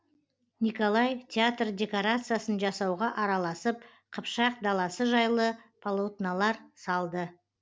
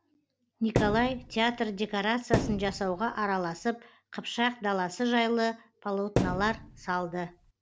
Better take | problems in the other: first | background sound (Thump, thud); 4 dB below the speech

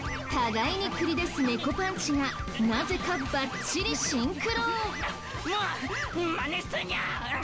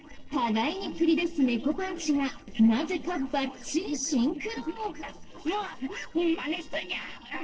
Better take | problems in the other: first | noise reduction (neural separator model SepFormer DNS4)

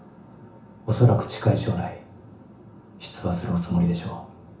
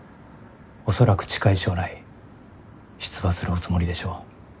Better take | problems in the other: second | room echo; dies away in 0.7 s

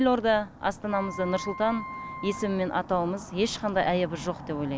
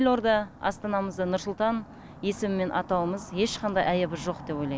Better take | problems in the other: second | background sound (Wind instrument, woodwind instrument); 13 dB below the speech

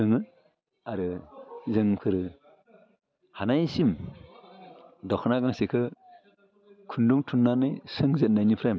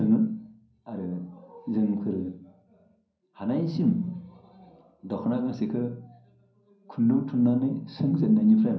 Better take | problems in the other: first | room echo; dies away in 0.6 s

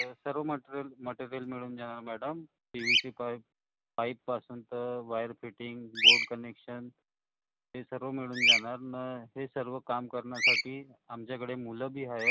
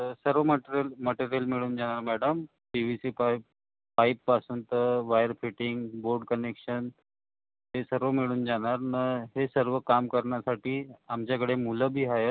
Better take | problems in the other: second | background sound (Bird vocalization, bird call, bird song); 5 dB above the speech

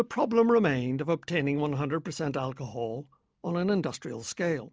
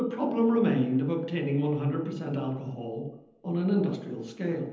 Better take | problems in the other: first | room echo; dies away in 0.9 s

